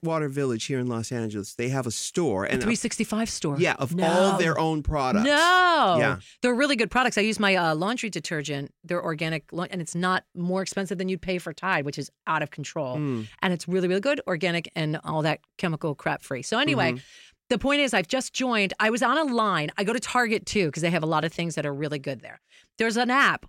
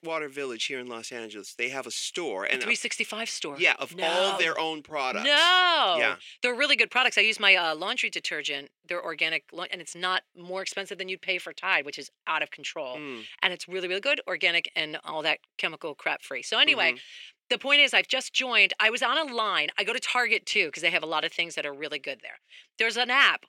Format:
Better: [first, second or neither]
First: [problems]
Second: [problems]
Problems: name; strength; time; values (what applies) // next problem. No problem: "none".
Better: first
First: none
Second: thin; somewhat; fading below 450 Hz